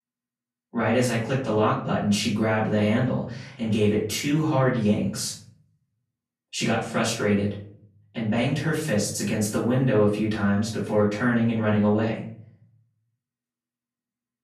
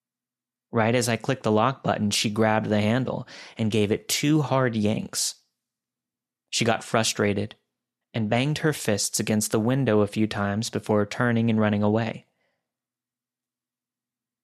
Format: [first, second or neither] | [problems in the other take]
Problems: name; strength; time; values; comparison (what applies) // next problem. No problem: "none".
second | off-mic speech; far // room echo; noticeable; dies away in 0.5 s